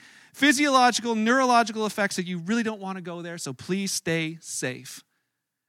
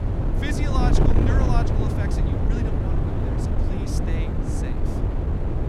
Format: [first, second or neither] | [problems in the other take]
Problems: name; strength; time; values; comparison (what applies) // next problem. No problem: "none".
first | wind noise on the microphone; heavy; 2 dB above the speech